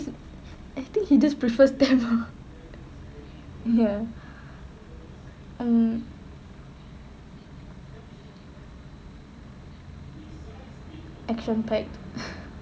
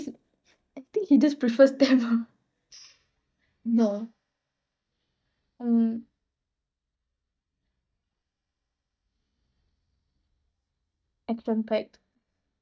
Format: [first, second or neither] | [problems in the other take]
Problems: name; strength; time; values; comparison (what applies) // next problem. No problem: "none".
first | noise reduction (neural mask model DeepFilterNet 3)